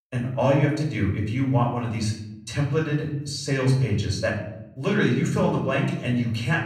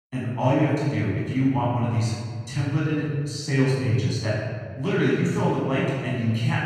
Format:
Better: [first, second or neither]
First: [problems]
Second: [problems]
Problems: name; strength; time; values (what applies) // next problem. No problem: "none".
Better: first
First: room echo; slight; dies away in 0.7 s // off-mic speech; far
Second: room echo; strong; dies away in 1.7 s // off-mic speech; far